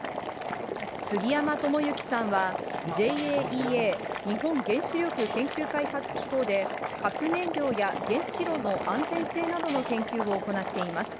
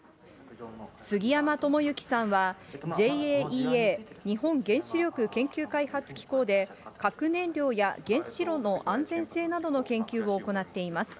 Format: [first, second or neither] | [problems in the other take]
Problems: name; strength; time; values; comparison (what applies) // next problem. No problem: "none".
second | background sound (Tambourine + Boiling); 4 dB below the speech